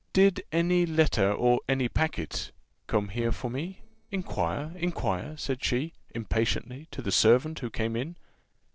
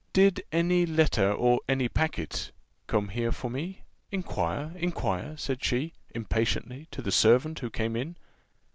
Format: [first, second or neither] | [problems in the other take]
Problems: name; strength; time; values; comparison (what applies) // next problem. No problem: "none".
second | noise reduction (neural separator model SepFormer DNS4)